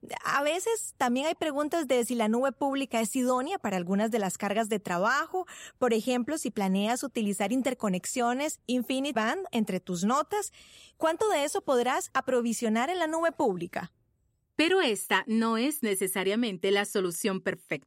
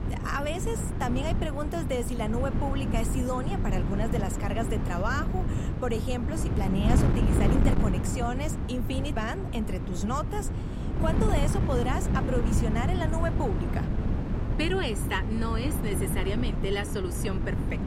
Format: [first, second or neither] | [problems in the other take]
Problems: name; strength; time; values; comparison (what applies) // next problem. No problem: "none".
first | wind noise on the microphone; heavy; 4 dB below the speech